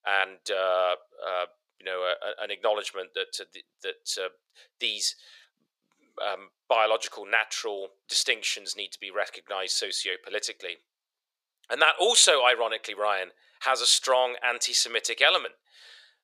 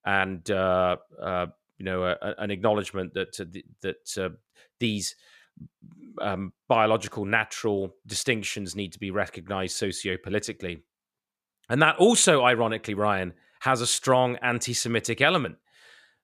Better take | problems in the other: second | thin; very; fading below 500 Hz

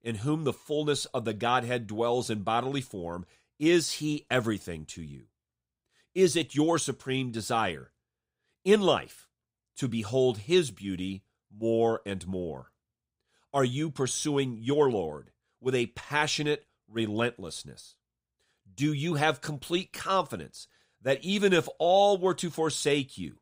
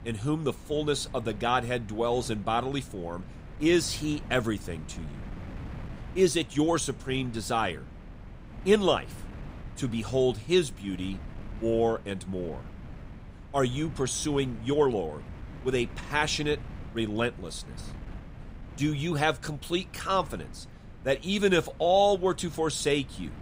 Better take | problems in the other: first | wind noise on the microphone; occasional gusts; 20 dB below the speech

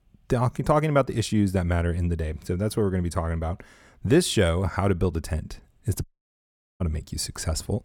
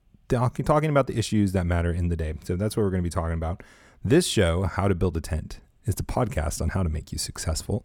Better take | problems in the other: second | audio cutting out; at 6 s for 1 s

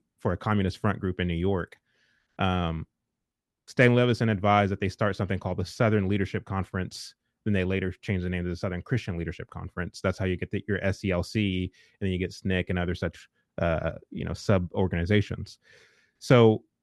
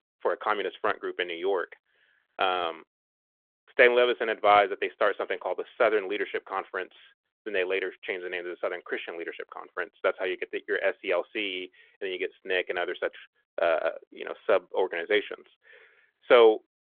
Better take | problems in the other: first | phone-call audio

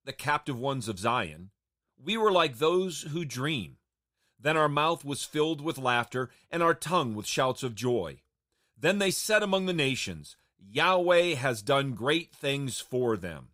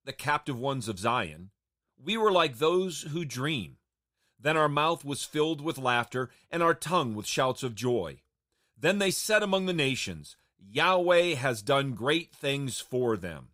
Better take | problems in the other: neither | none

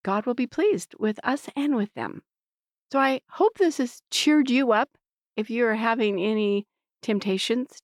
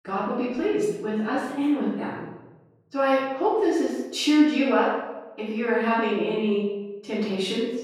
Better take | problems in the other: first | room echo; strong; dies away in 1 s // off-mic speech; far

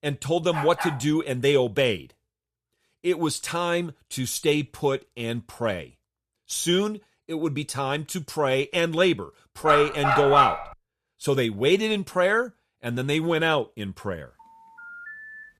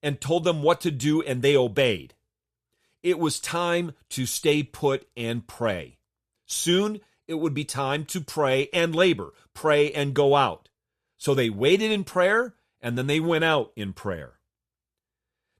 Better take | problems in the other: second | dog barking; noticeable; at 0.5 s; peak 5 dB below the speech // dog barking; loud; at 9.5 s; peak 5 dB above the speech // phone ringing; faint; from 14 s on; peak 15 dB below the speech

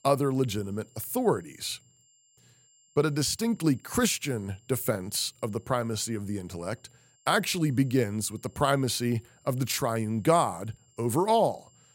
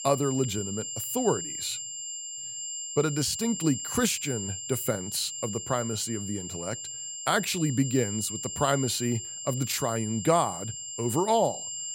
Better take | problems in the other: first | high-pitched whine; loud; throughout; 7.5 kHz, 5 dB below the speech; faint in the first

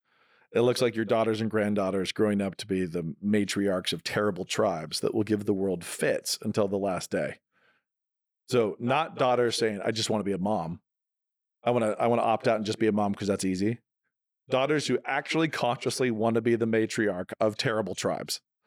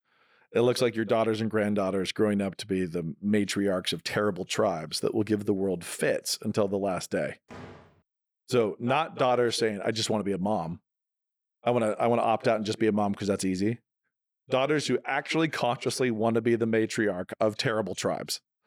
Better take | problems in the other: first | door banging; faint; at 7.5 s; peak 20 dB below the speech

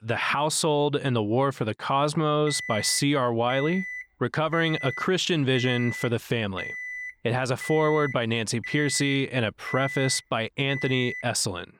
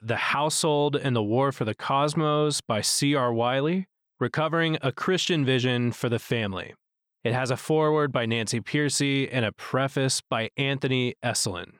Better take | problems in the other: second | alarm; noticeable; from 2.5 to 11 s; peak 7 dB below the speech

